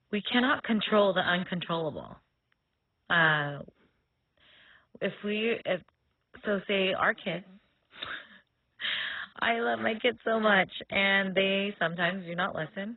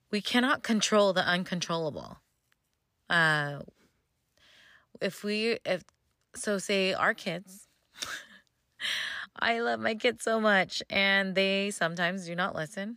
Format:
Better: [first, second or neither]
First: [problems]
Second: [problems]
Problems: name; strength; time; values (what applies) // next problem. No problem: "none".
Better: second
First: garbled, watery; badly; nothing above 4 kHz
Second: none